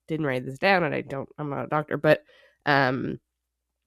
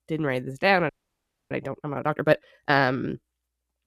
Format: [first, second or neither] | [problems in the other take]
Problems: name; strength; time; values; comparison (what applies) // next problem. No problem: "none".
first | audio freezing; at 1 s for 0.5 s